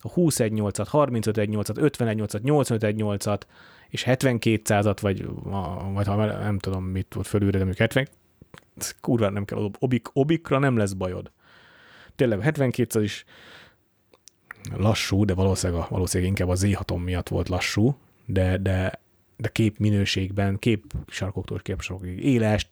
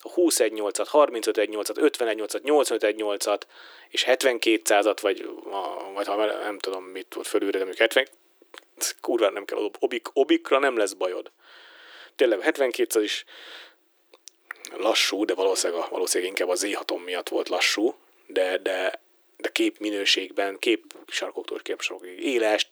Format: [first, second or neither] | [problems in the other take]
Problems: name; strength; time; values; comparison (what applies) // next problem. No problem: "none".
first | thin; very; fading below 300 Hz